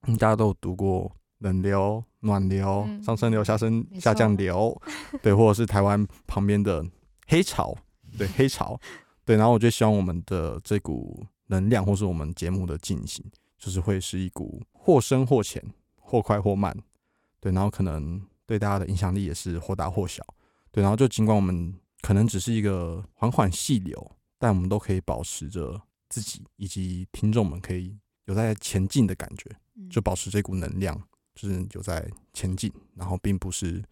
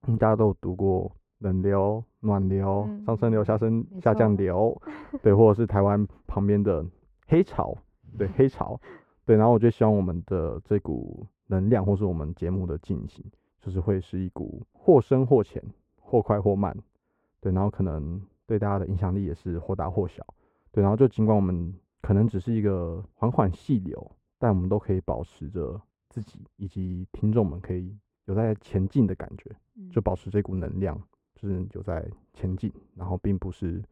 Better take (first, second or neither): first